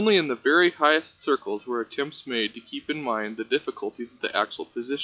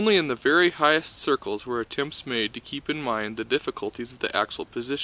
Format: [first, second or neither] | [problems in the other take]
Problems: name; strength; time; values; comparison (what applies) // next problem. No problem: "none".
second | noise reduction (classical method log-MMSE)